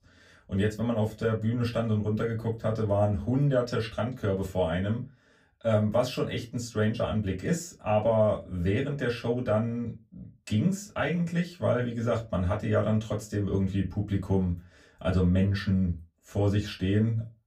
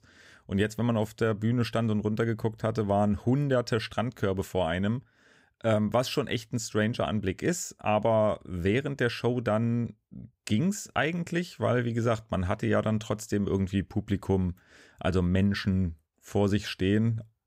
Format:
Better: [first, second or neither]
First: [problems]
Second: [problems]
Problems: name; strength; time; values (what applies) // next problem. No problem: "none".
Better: second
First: off-mic speech; far // room echo; very slight; dies away in 0.2 s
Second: none